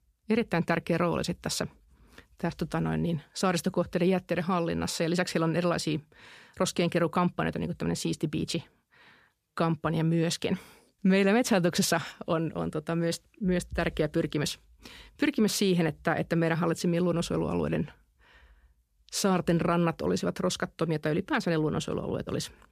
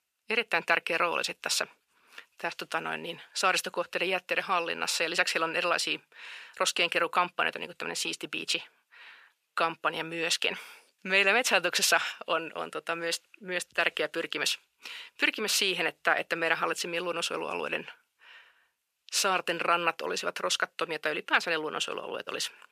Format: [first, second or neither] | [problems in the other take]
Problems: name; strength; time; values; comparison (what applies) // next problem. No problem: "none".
first | thin; very; fading below 650 Hz